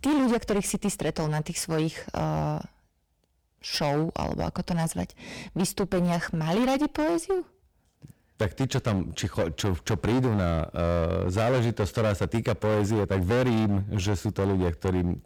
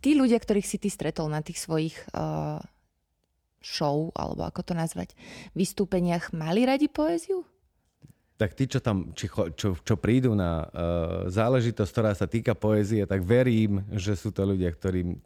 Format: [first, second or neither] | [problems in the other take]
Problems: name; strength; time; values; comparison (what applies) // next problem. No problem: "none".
second | distortion; heavy; 20% of the sound clipped